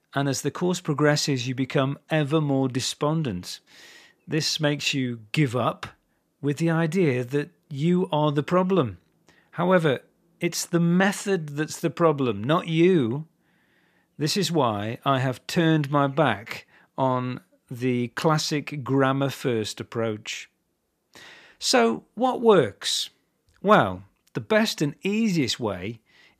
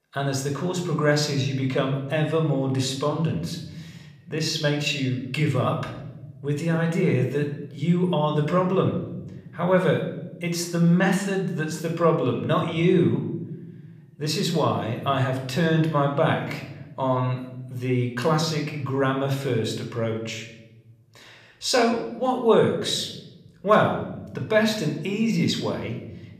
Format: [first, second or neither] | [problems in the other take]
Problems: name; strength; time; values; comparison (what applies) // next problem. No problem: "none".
first | room echo; slight; dies away in 0.9 s